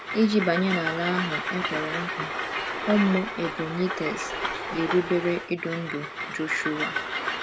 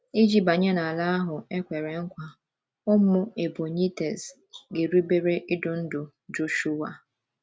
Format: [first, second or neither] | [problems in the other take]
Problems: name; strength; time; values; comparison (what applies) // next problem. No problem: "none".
second | background sound (Train); 3 dB below the speech